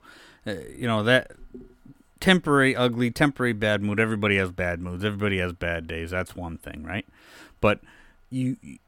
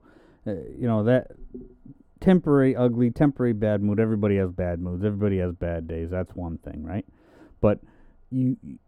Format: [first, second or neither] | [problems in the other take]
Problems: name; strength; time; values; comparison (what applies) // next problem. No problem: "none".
first | muffled; very; fading above 1 kHz